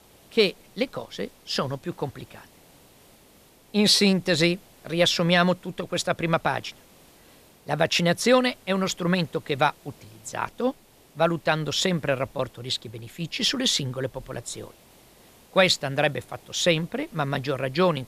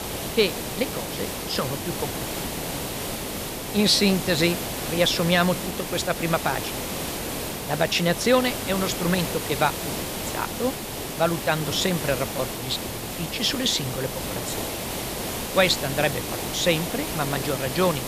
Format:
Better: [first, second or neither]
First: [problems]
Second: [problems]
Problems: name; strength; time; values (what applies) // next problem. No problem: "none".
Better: first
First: hiss; faint; throughout; 30 dB below the speech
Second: hiss; loud; throughout; 5 dB below the speech